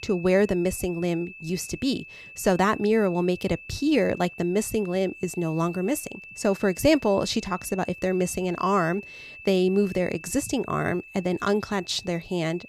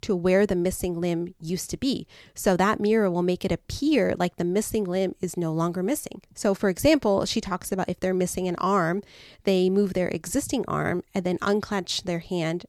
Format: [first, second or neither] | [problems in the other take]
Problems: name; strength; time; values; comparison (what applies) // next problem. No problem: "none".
second | high-pitched whine; noticeable; throughout; 2.5 kHz, 15 dB below the speech